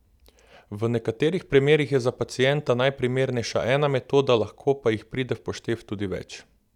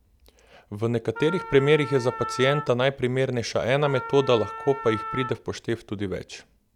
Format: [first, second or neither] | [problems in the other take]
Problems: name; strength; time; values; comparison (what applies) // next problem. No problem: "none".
first | background sound (Wind instrument, woodwind instrument); 10 dB below the speech